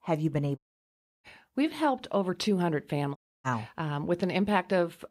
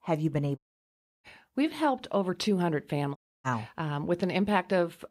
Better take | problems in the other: neither | audio cutting out; at 0.5 s for 0.5 s and at 3 s; the same in both

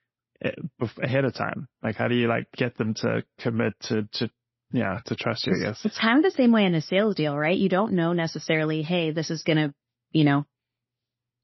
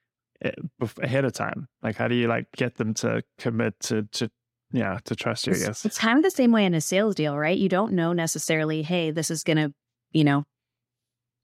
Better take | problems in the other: second | garbled, watery; slightly; nothing above 6 kHz

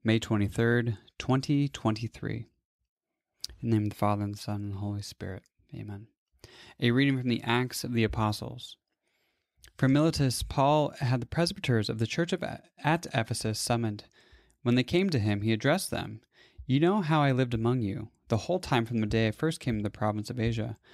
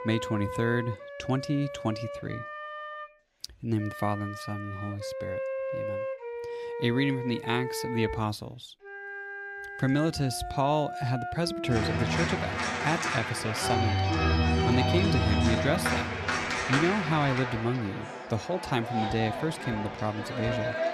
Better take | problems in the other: first | background music; loud; throughout; 1 dB below the speech

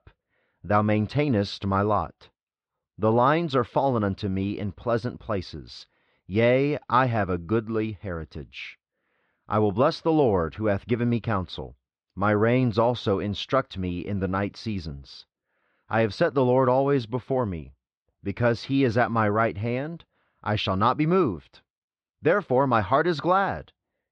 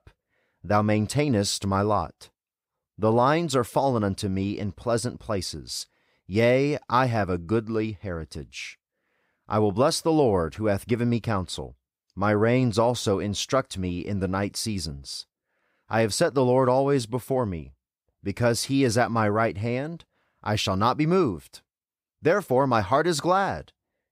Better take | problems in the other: second | muffled; slightly; fading above 3.5 kHz

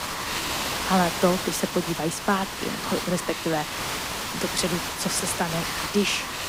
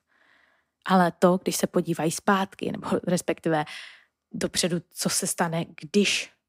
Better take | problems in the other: second | hiss; loud; throughout; 2 dB below the speech

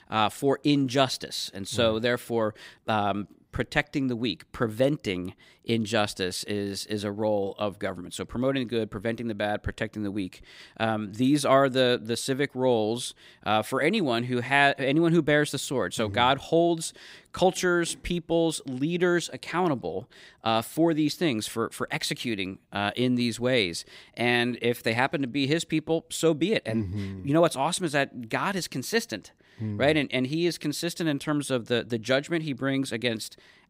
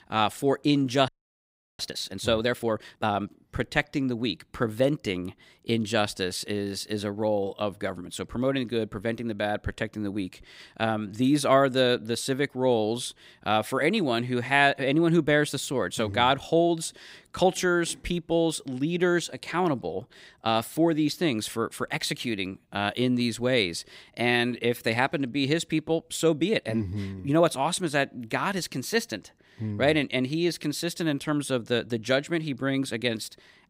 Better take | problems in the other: first | audio freezing; at 1 s for 0.5 s

